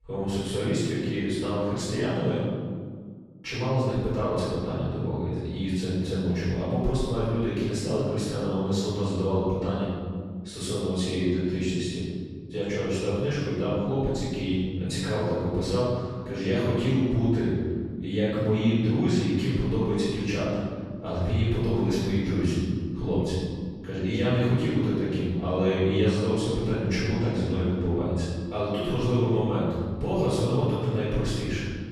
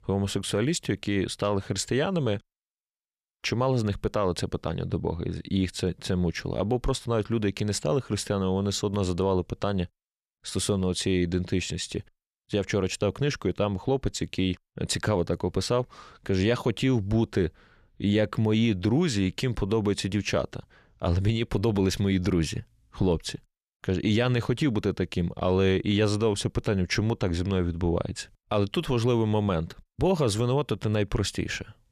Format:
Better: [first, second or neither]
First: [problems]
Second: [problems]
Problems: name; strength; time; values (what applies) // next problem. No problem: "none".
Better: second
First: off-mic speech; far // room echo; strong; dies away in 1.9 s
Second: none